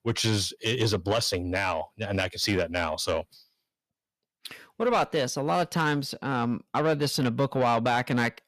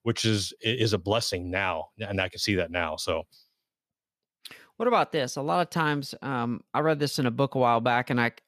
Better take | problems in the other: second | distortion; slight; 10 dB below the speech

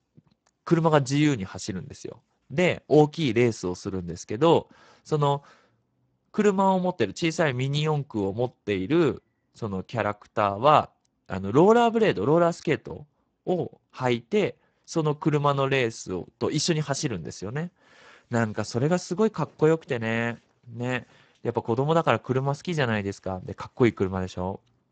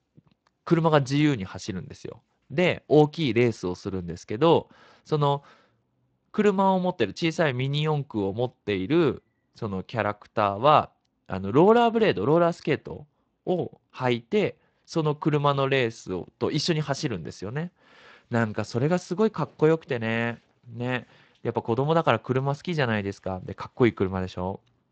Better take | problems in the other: second | garbled, watery; badly; nothing above 8 kHz; slightly in the second

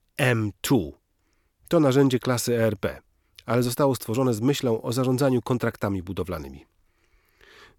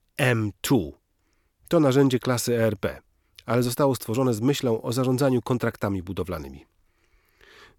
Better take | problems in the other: neither | none

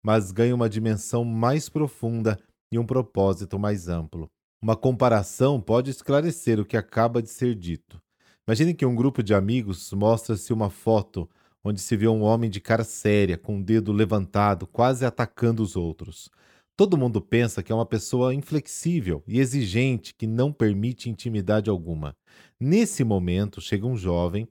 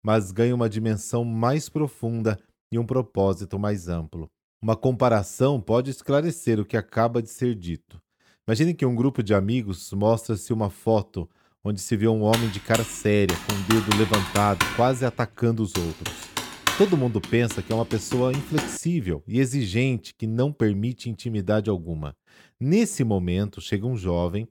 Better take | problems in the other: first | keyboard typing; loud; from 12 to 19 s; peak level with the speech

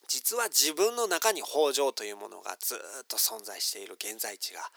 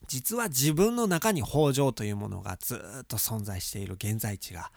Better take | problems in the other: second | thin; very; fading below 400 Hz

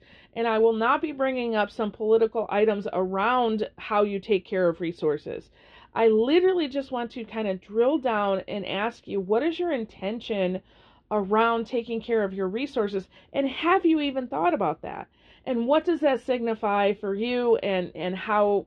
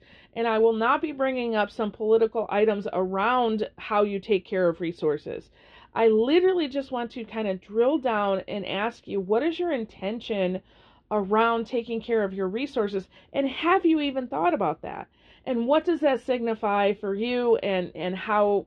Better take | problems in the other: neither | muffled; slightly; fading above 3.5 kHz; the same in both

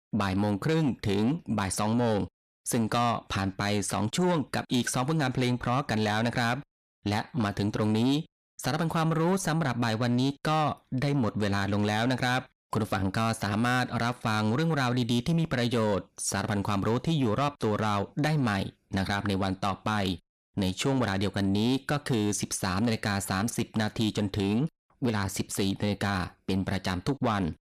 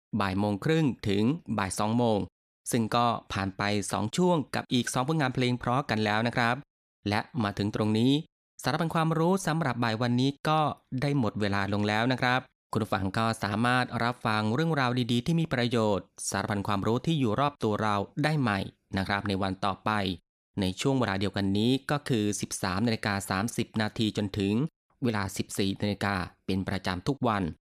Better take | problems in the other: second | distortion; slight; 10 dB below the speech

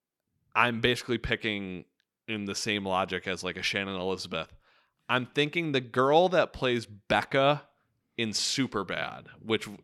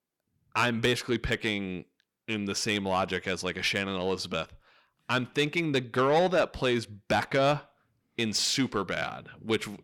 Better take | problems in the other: first | distortion; slight; 10 dB below the speech

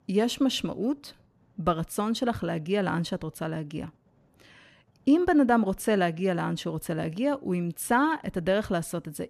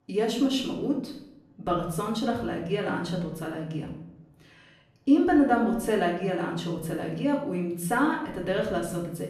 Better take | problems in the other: first | room echo; noticeable; dies away in 0.6 s // off-mic speech; far

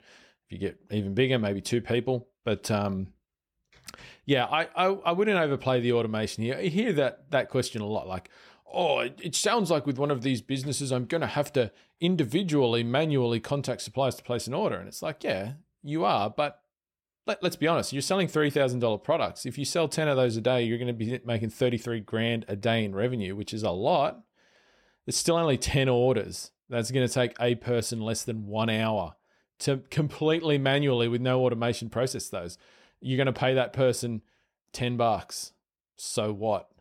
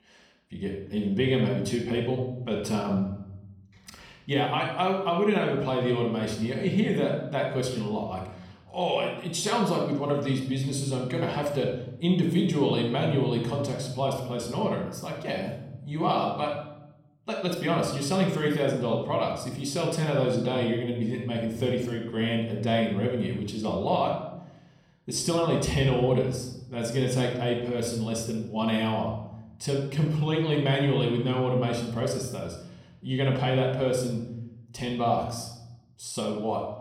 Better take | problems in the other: first | off-mic speech; somewhat distant // room echo; noticeable; dies away in 0.8 s

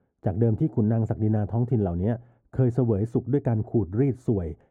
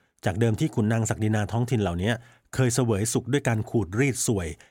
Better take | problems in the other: second | muffled; very; fading above 1.5 kHz

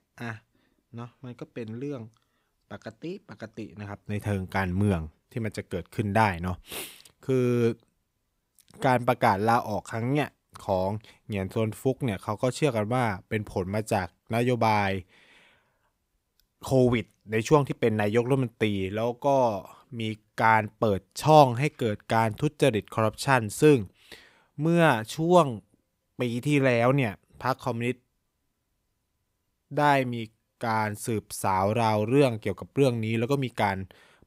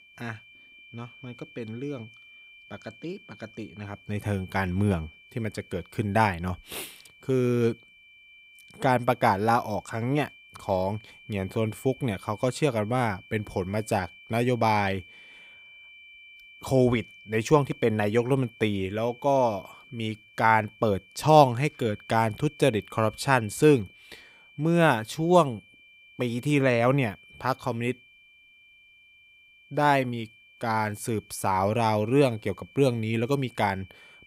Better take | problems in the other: first | high-pitched whine; faint; throughout; 2.5 kHz, 25 dB below the speech

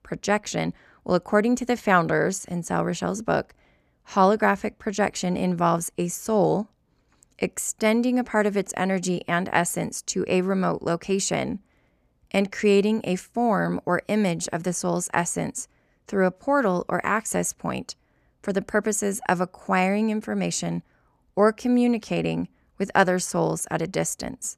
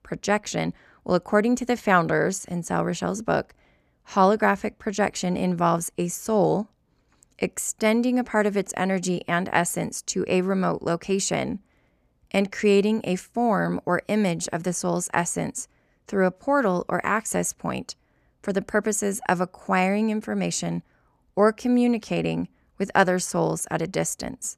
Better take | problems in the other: neither | none

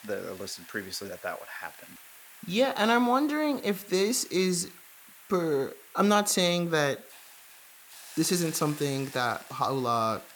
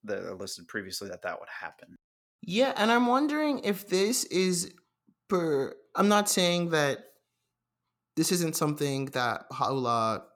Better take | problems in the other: second | hiss; noticeable; throughout; 20 dB below the speech

